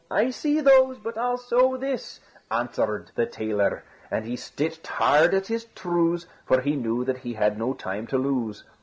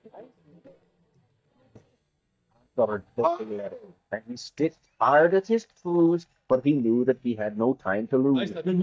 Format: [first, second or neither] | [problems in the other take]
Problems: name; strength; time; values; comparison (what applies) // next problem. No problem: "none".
first | noise reduction (neural mask model DeepFilterNet 3)